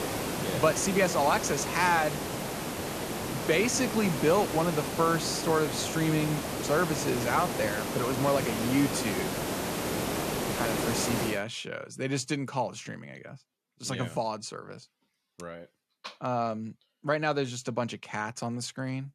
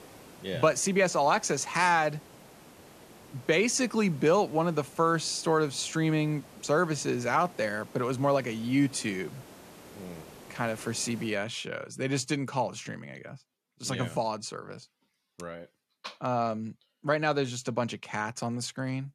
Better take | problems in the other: second | hiss; loud; until 11 s; 3 dB below the speech; faint in the second

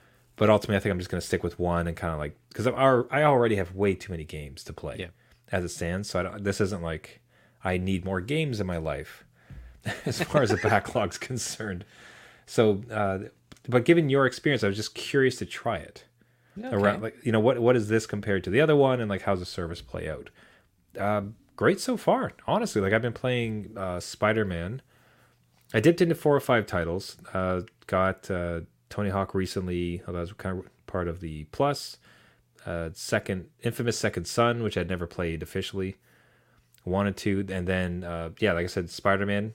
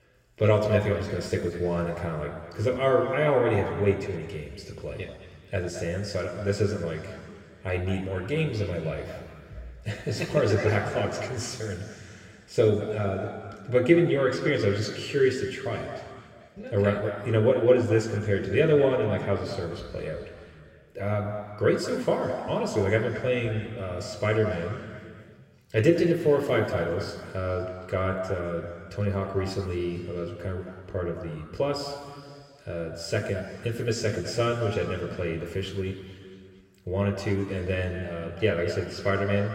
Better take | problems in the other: first | room echo; noticeable; dies away in 2.4 s // off-mic speech; somewhat distant

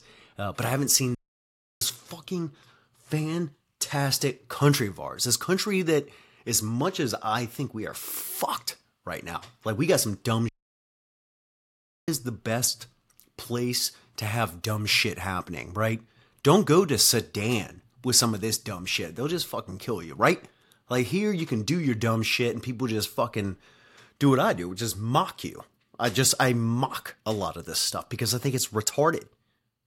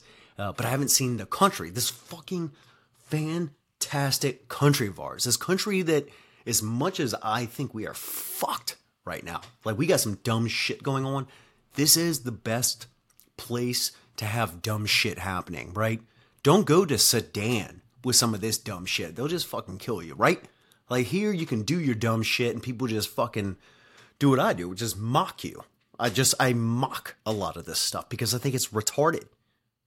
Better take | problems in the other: second | audio cutting out; at 1 s for 0.5 s and at 10 s for 1.5 s

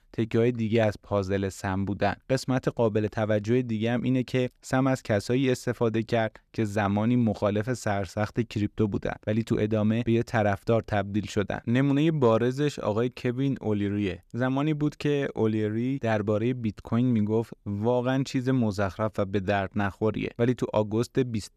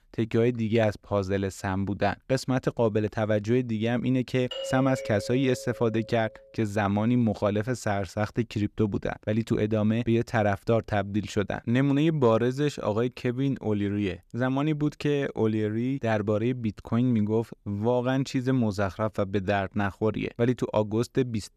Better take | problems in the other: first | doorbell; noticeable; from 4.5 to 6.5 s; peak 7 dB below the speech

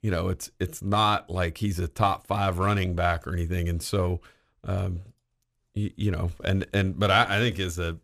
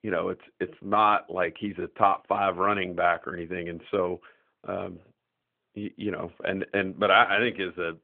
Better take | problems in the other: first | phone-call audio; nothing above 3.5 kHz

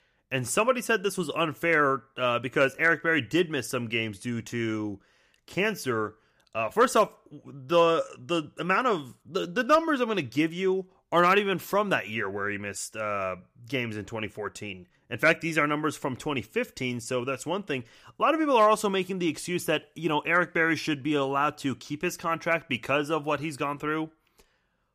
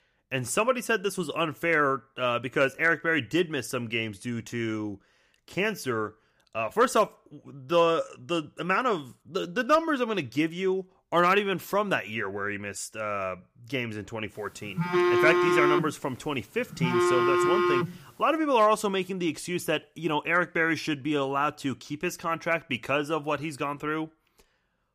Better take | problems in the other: first | phone ringing; loud; from 15 to 18 s; peak 5 dB above the speech

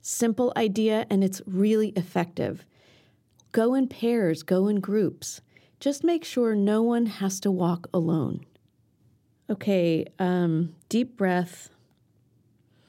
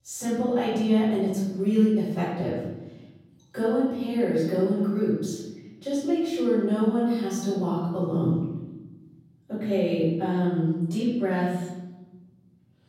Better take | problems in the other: first | off-mic speech; far // room echo; noticeable; dies away in 1.1 s

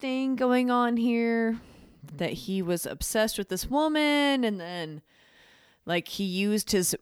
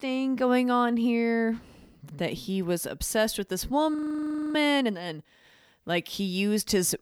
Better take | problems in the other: first | audio freezing; at 4 s for 0.5 s

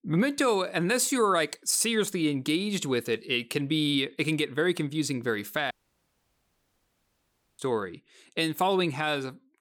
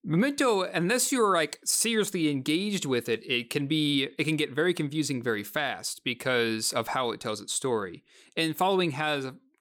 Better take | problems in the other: second | audio cutting out; at 5.5 s for 2 s

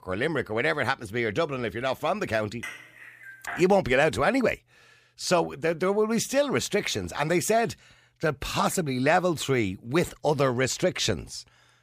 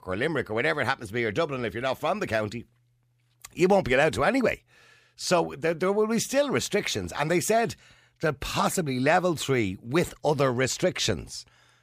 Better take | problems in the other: second | clattering dishes; faint; at 2.5 s; peak 10 dB below the speech

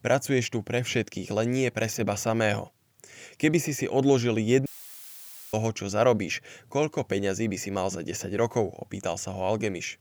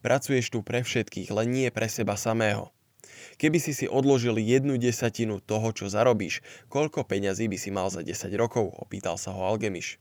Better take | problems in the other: second | audio cutting out; filled with static; at 4.5 s for 1 s

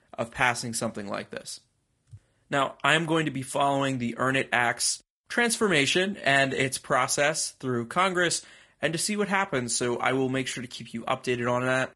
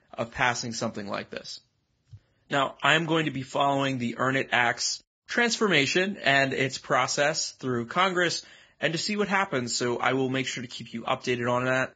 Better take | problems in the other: first | garbled, watery; badly; nothing above 7.5 kHz; slightly in the first

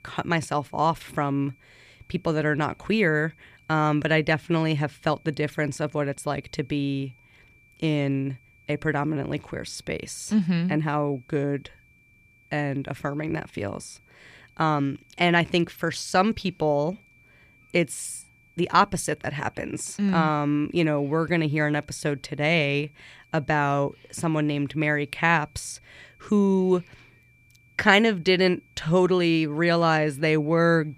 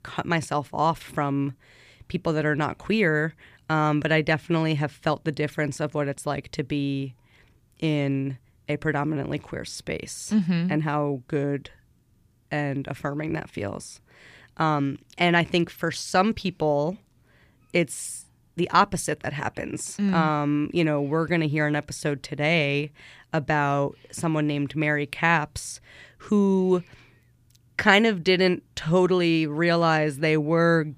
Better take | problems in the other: second | high-pitched whine; faint; throughout; 2.5 kHz, 35 dB below the speech

